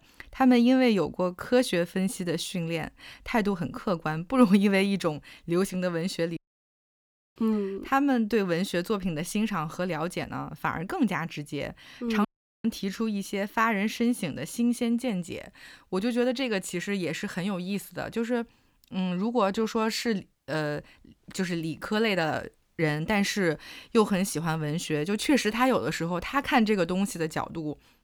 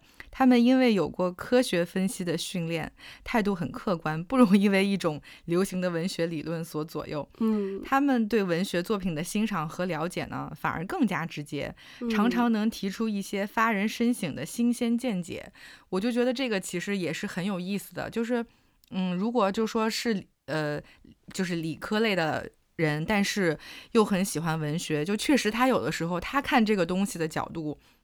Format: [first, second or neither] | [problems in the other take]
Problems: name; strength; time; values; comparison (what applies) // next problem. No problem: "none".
second | audio cutting out; at 6.5 s for 1 s and at 12 s